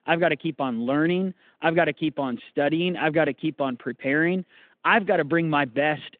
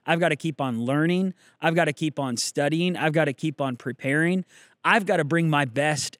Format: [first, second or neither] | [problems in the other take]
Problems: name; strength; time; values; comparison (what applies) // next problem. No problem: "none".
second | phone-call audio